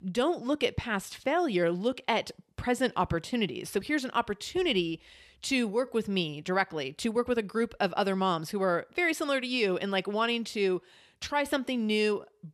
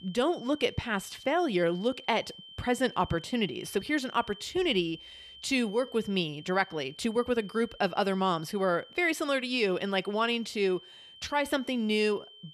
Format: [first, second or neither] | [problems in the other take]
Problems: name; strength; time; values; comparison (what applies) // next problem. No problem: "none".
first | high-pitched whine; noticeable; throughout; 3 kHz, 20 dB below the speech